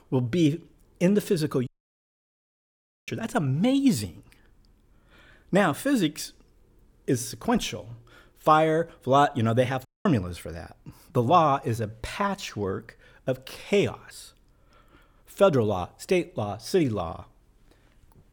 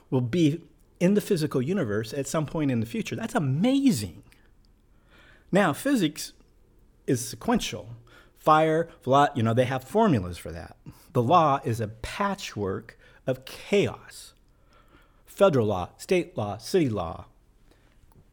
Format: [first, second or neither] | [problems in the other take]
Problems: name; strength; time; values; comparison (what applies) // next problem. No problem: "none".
second | audio cutting out; at 1.5 s for 1.5 s and at 10 s